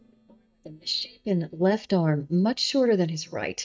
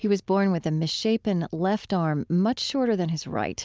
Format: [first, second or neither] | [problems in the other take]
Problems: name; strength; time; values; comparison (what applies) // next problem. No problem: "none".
second | noise reduction (neural mask model DeepFilterNet 3)